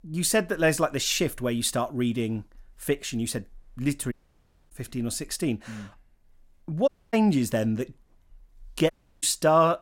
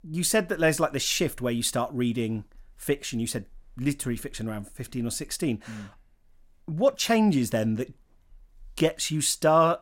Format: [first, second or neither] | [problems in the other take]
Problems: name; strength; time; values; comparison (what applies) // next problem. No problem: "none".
second | audio cutting out; at 4 s for 0.5 s, at 7 s and at 9 s